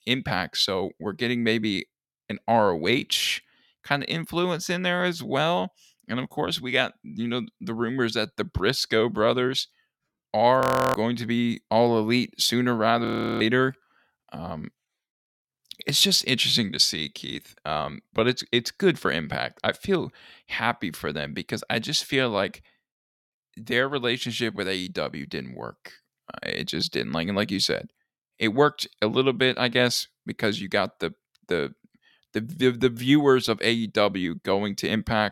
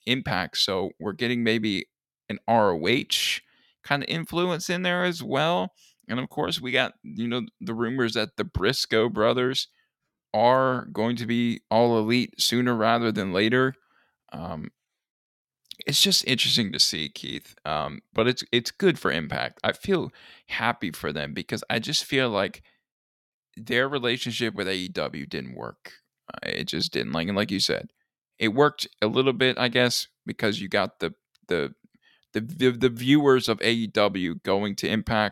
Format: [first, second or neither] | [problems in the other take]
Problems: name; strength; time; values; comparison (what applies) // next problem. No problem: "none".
second | audio freezing; at 11 s and at 13 s